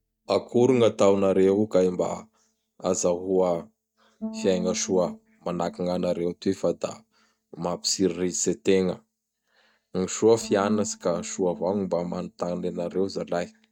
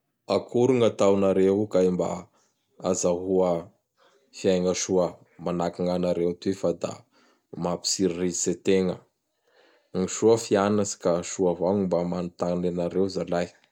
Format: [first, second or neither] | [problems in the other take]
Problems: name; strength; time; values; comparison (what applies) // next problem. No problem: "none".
second | noise reduction (neural mask model DeepFilterNet 3)